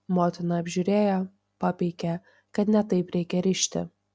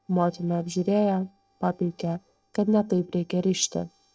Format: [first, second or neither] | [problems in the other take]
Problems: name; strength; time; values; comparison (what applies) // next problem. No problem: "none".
first | noise reduction (neural separator model SepFormer DNS4)